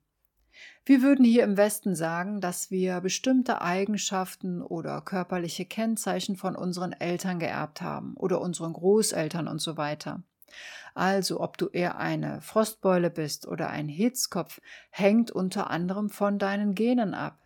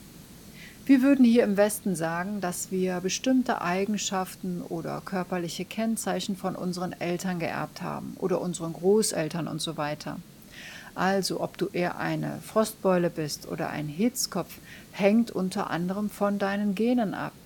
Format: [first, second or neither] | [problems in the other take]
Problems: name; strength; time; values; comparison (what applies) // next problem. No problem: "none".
first | hiss; faint; throughout; 20 dB below the speech